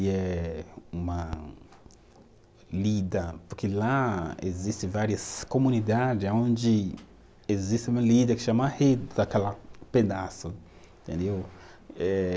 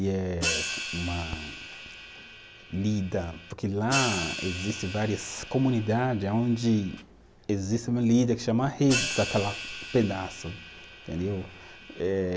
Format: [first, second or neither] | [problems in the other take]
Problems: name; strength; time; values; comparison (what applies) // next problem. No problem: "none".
first | background sound (Hi-hat); 8 dB below the speech